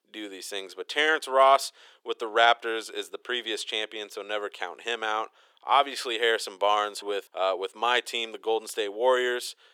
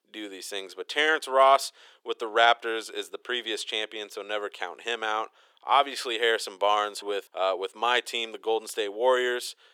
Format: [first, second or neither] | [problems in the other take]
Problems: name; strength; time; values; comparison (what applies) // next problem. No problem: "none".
neither | thin; very; fading below 400 Hz; the same in both